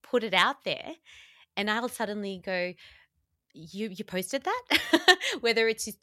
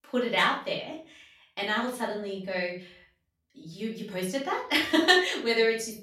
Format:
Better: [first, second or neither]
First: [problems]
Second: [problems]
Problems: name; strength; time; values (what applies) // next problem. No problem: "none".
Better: first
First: none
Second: off-mic speech; far // room echo; slight; dies away in 0.4 s